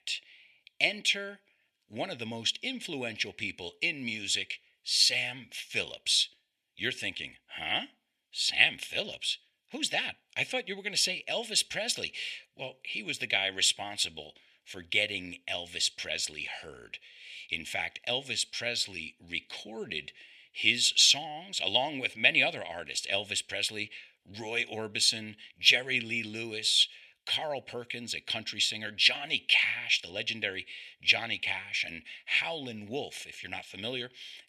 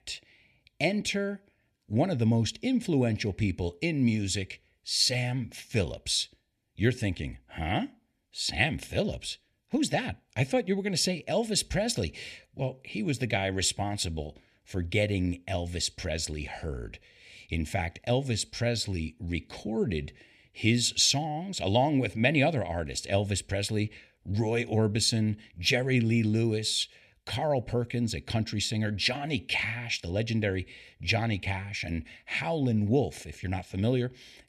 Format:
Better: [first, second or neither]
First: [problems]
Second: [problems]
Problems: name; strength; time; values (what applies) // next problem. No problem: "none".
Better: second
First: thin; somewhat; fading below 1 kHz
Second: none